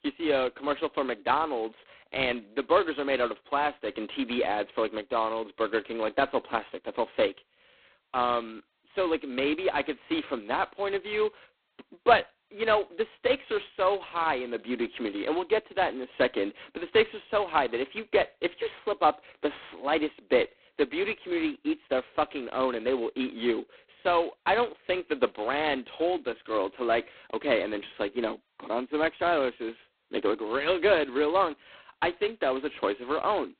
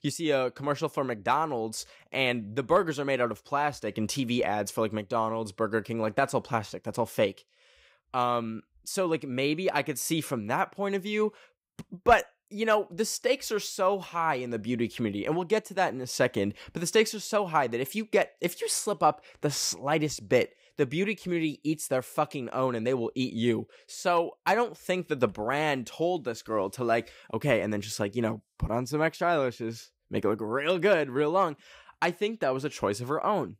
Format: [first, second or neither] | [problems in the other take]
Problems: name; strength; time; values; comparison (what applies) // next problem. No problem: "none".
second | phone-call audio; poor line; nothing above 4 kHz